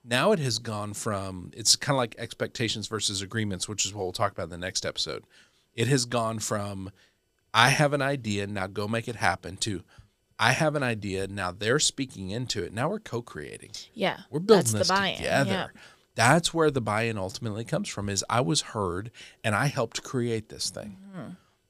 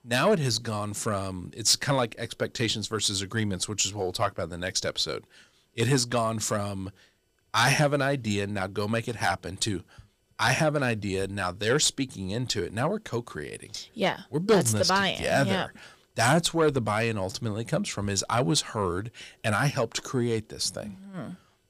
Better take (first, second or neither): first